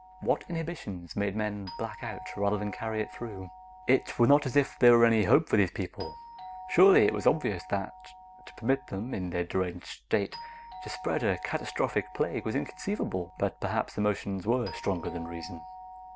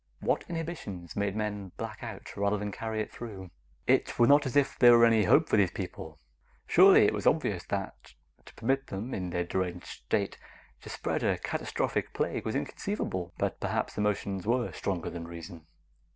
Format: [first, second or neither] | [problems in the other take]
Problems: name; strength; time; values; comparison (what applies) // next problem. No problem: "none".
second | background sound (Doorbell); 17 dB below the speech